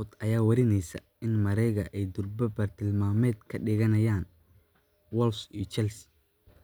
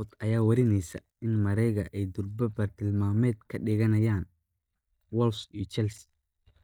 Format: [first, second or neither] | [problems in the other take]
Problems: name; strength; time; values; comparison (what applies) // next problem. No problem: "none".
first | noise reduction (neural mask model DeepFilterNet 3)